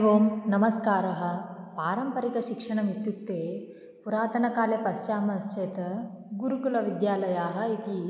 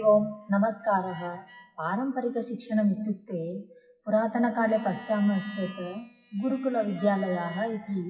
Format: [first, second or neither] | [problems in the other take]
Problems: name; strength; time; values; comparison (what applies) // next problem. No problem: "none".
first | noise reduction (classical method WPE with log-MMSE)